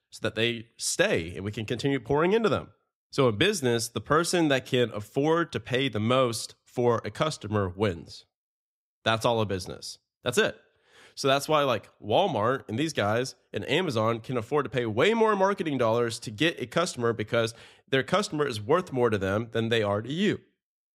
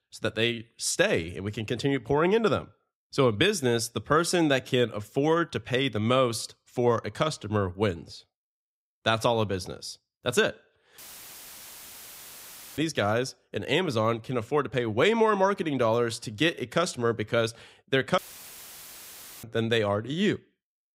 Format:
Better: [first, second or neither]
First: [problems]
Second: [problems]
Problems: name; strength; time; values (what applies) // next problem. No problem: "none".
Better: first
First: none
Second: audio cutting out; filled with static; at 11 s for 2 s and at 18 s for 1.5 s